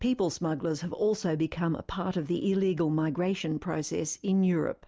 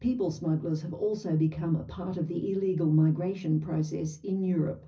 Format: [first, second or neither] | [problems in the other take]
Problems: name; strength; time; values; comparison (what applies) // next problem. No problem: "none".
first | room echo; dies away in 0.4 s